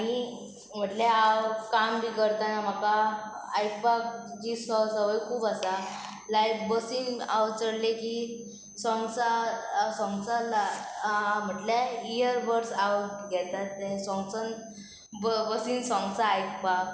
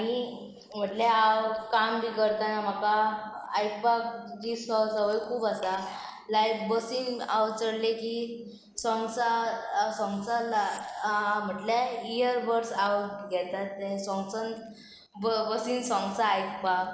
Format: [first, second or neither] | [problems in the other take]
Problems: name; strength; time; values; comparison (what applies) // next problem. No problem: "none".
first | noise reduction (neural mask model Resemble Enhance denoiser)